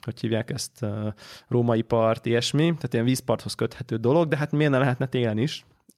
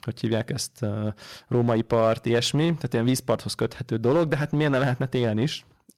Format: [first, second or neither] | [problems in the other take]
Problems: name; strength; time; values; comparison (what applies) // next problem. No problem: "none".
first | distortion; slight; 5% of the sound clipped